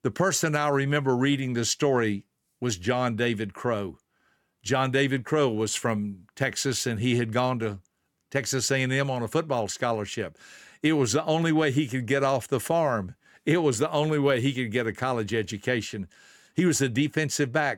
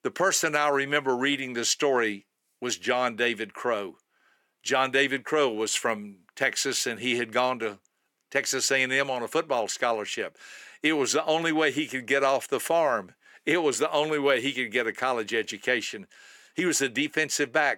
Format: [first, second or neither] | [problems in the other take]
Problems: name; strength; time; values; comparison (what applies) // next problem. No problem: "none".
first | thin; somewhat; fading below 350 Hz